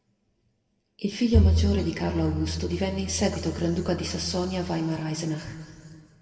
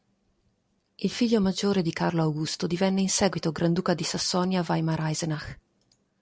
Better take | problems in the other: second | background sound (Bowed string instrument); 1 dB above the speech // room echo; dies away in 2.1 s

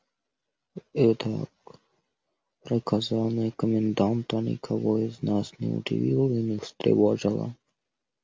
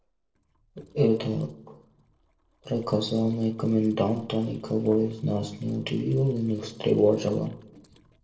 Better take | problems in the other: first | noise reduction (neural separator model SepFormer DNS4)

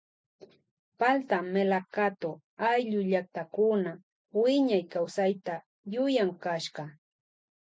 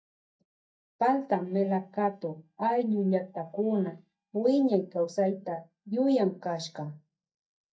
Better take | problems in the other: first | noise reduction (neural mask model DeepFilterNet 3)

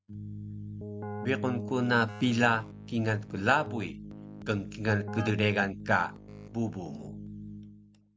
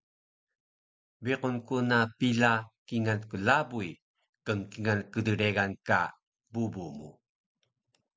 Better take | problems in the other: second | background sound (Keyboard (musical)); 9 dB below the speech

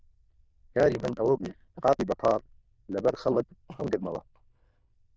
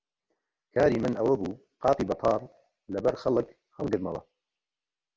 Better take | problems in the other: second | noise reduction (neural diffusion model UNIVERSE++)

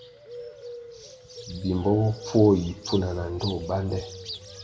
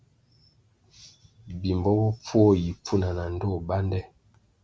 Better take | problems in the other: second | background sound (Bird); 14 dB below the speech // room echo; dies away in 1.3 s

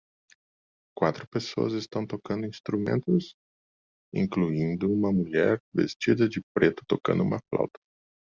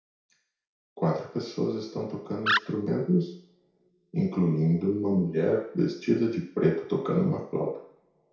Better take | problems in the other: first | background sound (Animal); 3 dB below the speech // room echo; dies away in 0.5 s

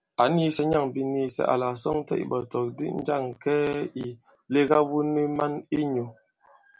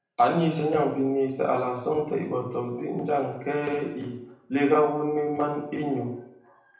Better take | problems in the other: first | room echo; dies away in 0.7 s

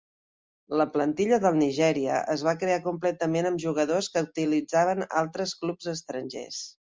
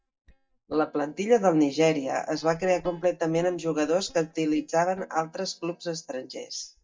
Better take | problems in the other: first | noise reduction (neural mask model DeepFilterNet 3)

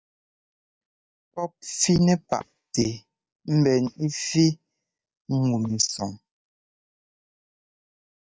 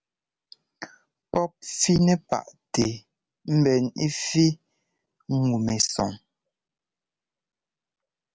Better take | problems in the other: second | noise reduction (neural mask model DeepFilterNet 3)

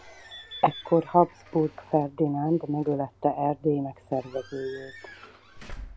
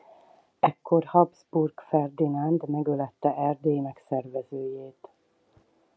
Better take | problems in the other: second | background sound (Squeak / Slam / Alarm / Wood); 19 dB below the speech

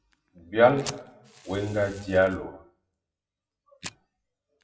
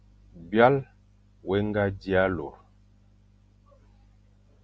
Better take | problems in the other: second | noise reduction (classical method WPE with log-MMSE)

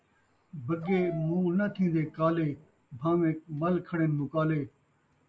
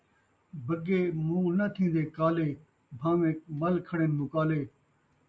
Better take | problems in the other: second | background sound (Dog); 17 dB below the speech

